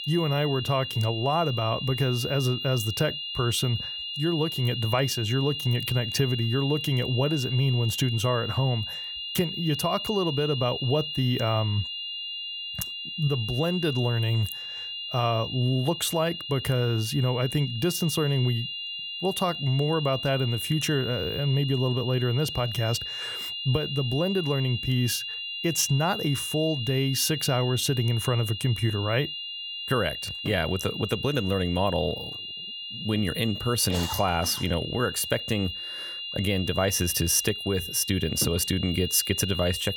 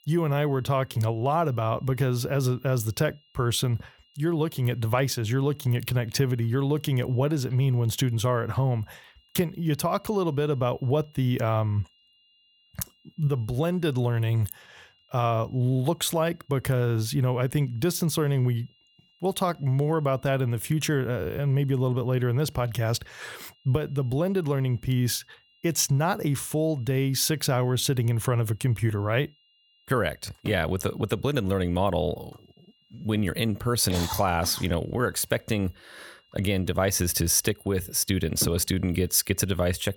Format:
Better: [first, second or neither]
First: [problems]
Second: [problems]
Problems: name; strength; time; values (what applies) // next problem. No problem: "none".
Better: second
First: high-pitched whine; loud; throughout; 3 kHz, 5 dB below the speech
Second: high-pitched whine; faint; throughout; 3 kHz, 35 dB below the speech